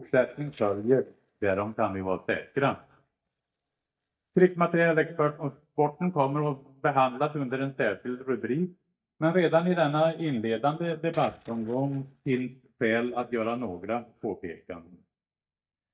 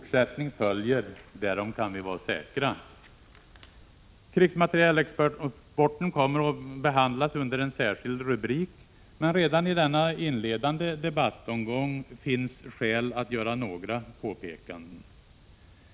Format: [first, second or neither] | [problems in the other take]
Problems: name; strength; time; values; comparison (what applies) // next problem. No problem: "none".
second | noise reduction (neural mask model DeepFilterNet 3)